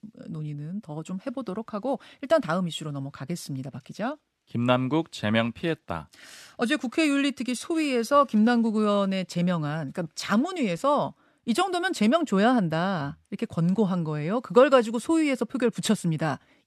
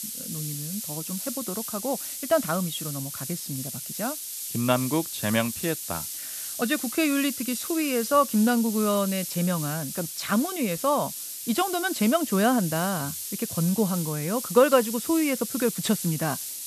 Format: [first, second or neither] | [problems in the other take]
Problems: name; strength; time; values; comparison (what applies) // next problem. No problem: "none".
first | hiss; loud; throughout; 6 dB below the speech